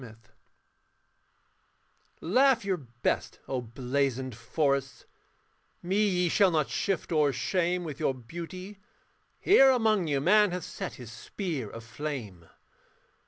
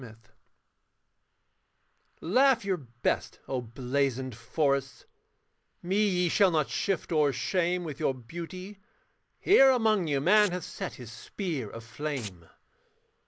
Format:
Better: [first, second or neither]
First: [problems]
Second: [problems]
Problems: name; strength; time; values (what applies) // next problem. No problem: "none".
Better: first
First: none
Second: noise reduction (neural mask model Resemble Enhance denoiser)